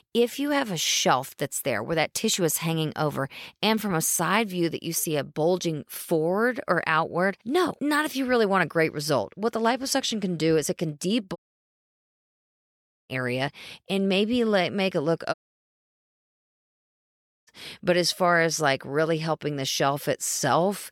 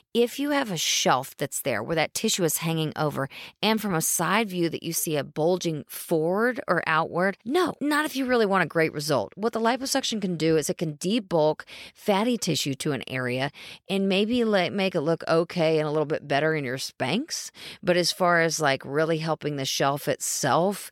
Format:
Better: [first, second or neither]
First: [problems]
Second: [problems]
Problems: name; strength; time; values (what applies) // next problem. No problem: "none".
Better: second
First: audio cutting out; at 11 s for 1.5 s and at 15 s for 2 s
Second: none